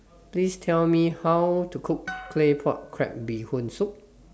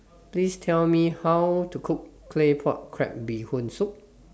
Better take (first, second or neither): second